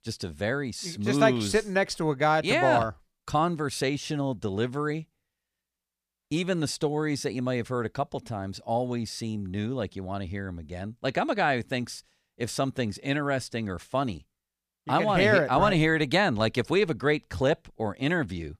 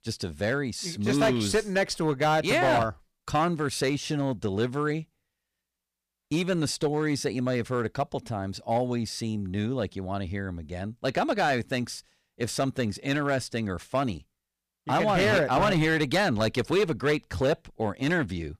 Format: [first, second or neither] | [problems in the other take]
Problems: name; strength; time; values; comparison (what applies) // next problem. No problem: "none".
first | distortion; slight; 5% of the sound clipped